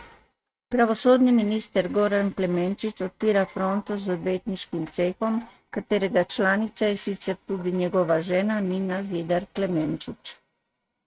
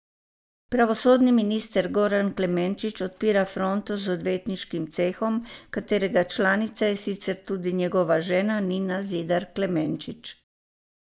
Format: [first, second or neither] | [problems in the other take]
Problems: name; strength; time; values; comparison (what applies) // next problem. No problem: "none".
second | noise reduction (neural mask model RNNoise)